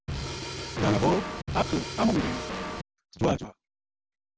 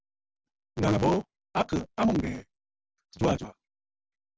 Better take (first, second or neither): second